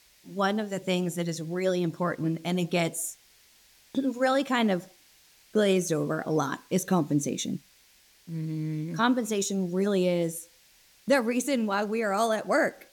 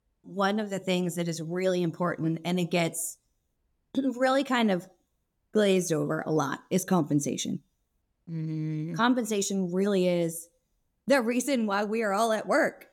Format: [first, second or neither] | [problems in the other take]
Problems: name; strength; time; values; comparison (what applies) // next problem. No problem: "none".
second | hiss; faint; throughout; 30 dB below the speech